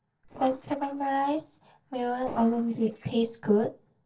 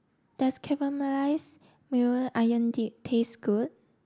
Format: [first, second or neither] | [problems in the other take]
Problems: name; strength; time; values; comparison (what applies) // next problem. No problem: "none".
second | noise reduction (neural separator model SepFormer DNS4)